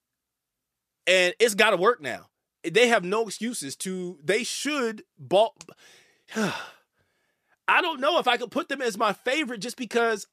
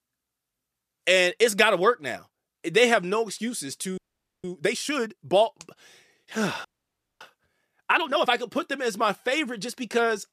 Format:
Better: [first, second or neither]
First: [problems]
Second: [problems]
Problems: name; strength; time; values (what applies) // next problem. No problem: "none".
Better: first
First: none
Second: audio freezing; at 4 s and at 6.5 s for 0.5 s